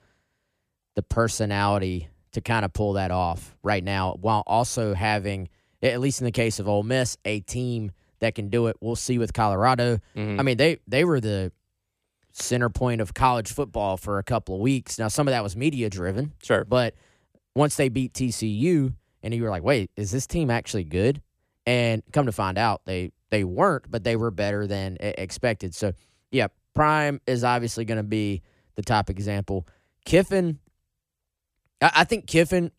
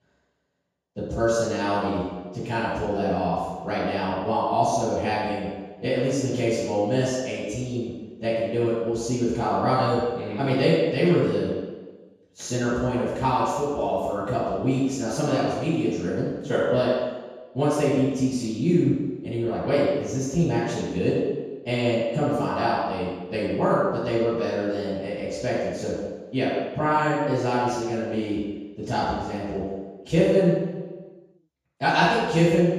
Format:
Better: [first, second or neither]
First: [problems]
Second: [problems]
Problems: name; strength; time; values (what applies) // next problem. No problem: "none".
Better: first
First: none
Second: room echo; strong; dies away in 1.2 s // off-mic speech; far